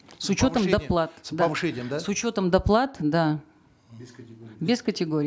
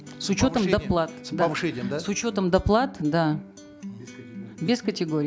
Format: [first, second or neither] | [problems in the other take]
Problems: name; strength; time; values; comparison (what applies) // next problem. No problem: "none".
first | background sound (Acoustic guitar); 14 dB below the speech